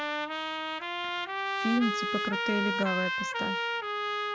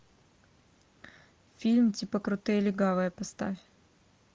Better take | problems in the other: second | background sound (Trumpet); 2 dB above the speech

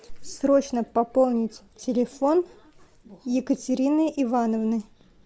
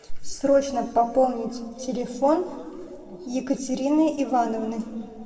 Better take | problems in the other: first | room echo; dies away in 1.8 s

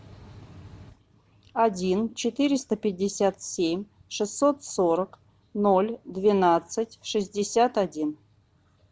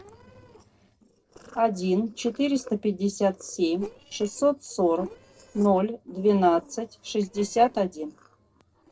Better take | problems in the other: first | noise reduction (neural separator model SepFormer DNS4)

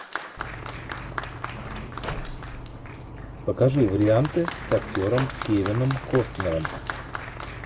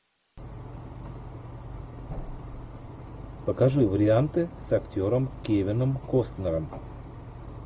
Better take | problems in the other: second | background sound (Applause + Cutlery, silverware / Drawer open or close); 10 dB below the speech

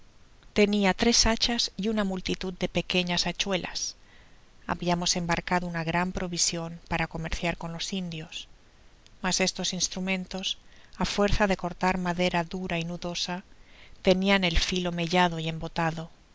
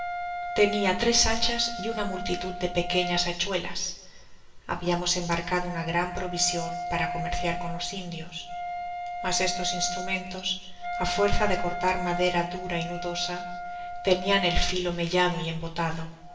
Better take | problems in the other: first | background sound (Wind instrument, woodwind instrument); 8 dB below the speech // room echo; dies away in 1 s

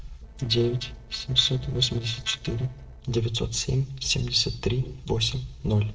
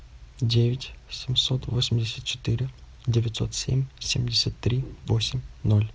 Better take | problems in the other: second | noise reduction (neural separator model SepFormer DNS4)

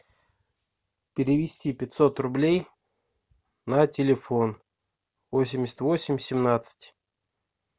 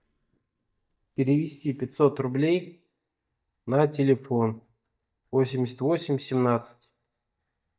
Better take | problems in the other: first | noise reduction (neural mask model DeepFilterNet 3)

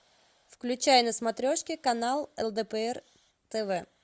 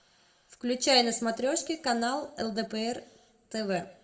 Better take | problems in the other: first | room echo; dies away in 0.5 s

